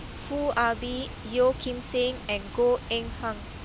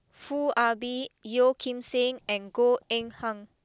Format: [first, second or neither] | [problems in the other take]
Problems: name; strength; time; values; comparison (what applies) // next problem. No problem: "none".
second | background sound (Water); 11 dB below the speech